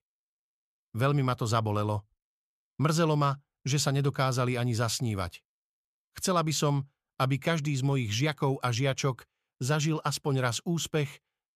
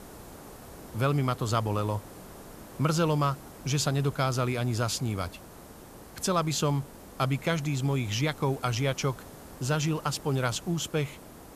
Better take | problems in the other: first | hiss; noticeable; throughout; 20 dB below the speech

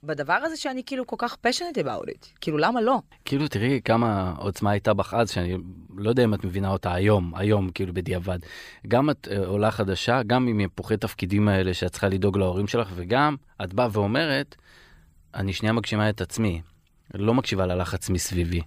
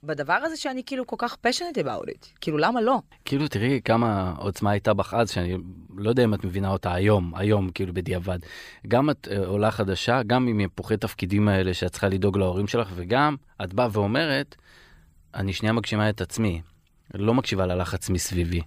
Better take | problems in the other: neither | none

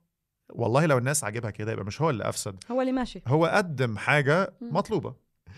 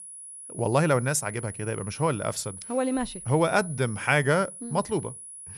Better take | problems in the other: first | high-pitched whine; noticeable; throughout; 10.5 kHz, 15 dB below the speech

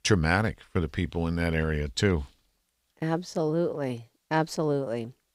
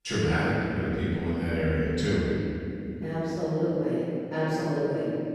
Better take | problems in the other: first | room echo; strong; dies away in 3 s // off-mic speech; far

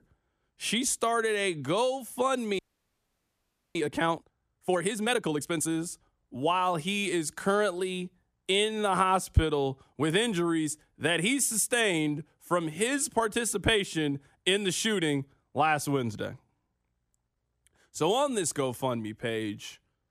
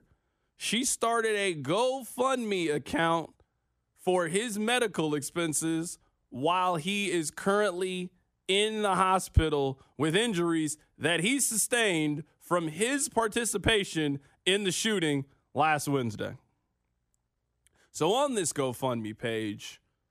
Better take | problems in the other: second | audio freezing; at 2.5 s for 1 s

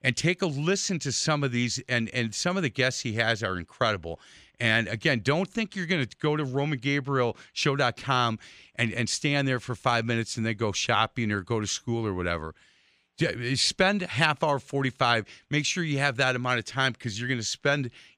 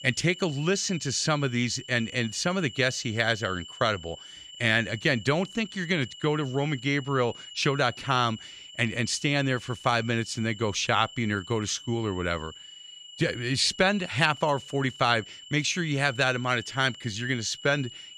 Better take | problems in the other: first | high-pitched whine; noticeable; throughout; 3 kHz, 15 dB below the speech

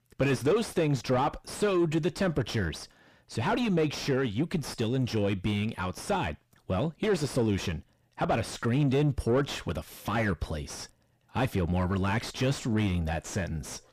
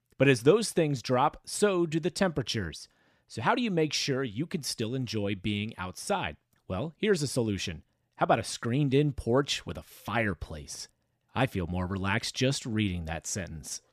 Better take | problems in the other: second | distortion; heavy; 6 dB below the speech

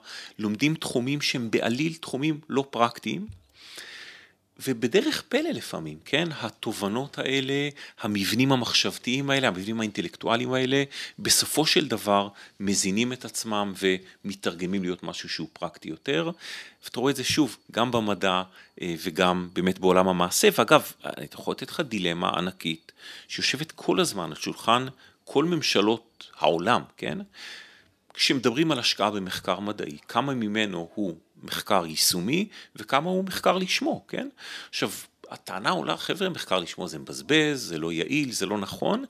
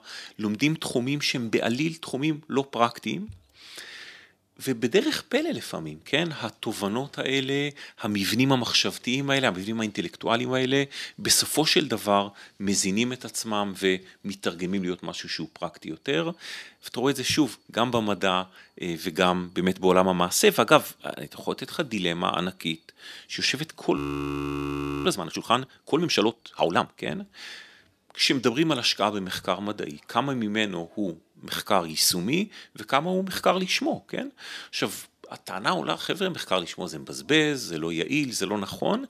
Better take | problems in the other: first | audio freezing; at 24 s for 1 s

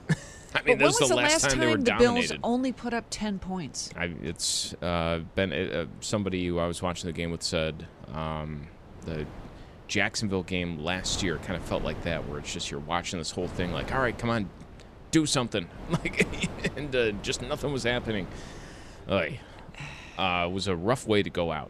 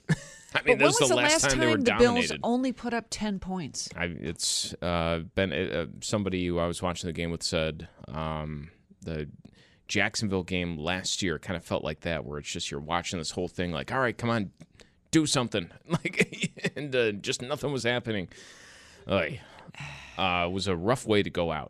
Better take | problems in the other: second | wind noise on the microphone; occasional gusts; 20 dB below the speech

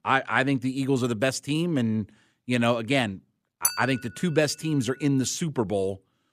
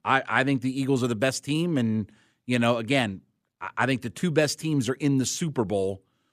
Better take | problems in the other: second | clattering dishes; noticeable; at 3.5 s; peak level with the speech

